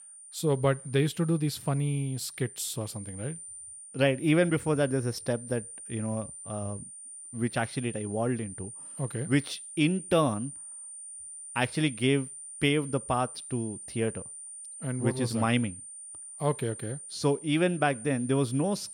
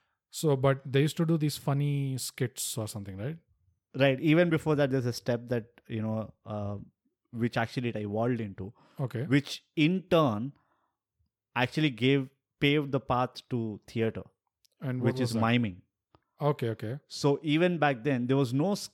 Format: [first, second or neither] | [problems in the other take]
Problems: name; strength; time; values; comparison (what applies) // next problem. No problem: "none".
second | high-pitched whine; noticeable; throughout; 9 kHz, 10 dB below the speech